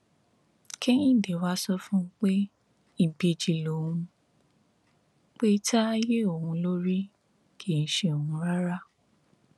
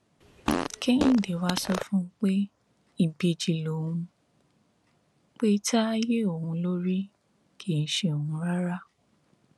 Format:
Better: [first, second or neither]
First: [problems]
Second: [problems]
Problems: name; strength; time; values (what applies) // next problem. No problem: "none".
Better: first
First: none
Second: background sound (Fart); 4 dB below the speech